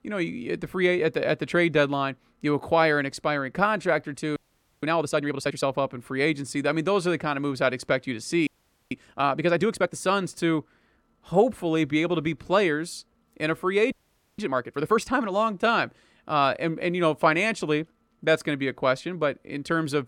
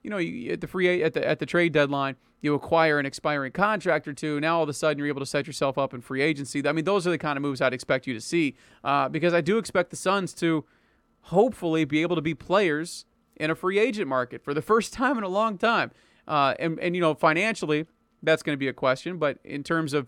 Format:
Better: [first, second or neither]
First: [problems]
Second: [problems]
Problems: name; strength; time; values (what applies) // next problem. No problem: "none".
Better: second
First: audio freezing; at 4.5 s, at 8.5 s and at 14 s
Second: none